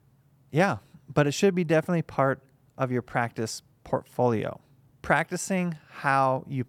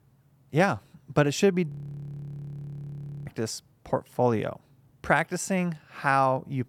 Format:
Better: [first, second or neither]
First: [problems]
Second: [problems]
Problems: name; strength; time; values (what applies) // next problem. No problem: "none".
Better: first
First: none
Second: audio freezing; at 1.5 s for 1.5 s